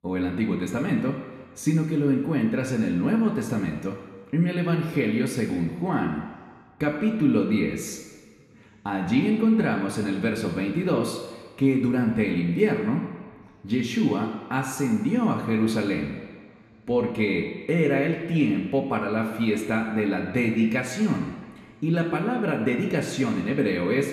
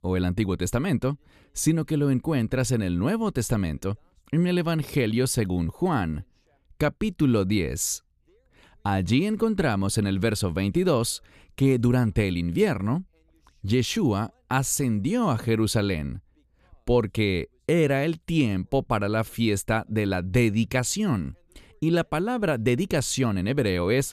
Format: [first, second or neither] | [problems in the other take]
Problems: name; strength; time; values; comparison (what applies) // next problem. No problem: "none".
second | room echo; noticeable; dies away in 1.7 s // off-mic speech; somewhat distant